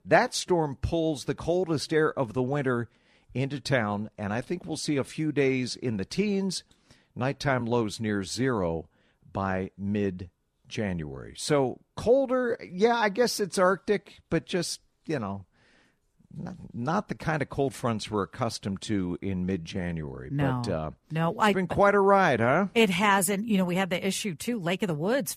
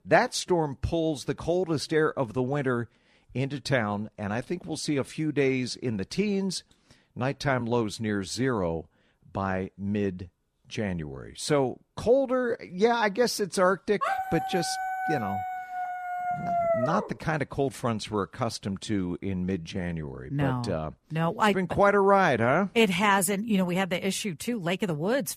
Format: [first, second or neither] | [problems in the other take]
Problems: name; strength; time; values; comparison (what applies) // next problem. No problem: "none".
first | dog barking; loud; from 14 to 17 s; peak 1 dB above the speech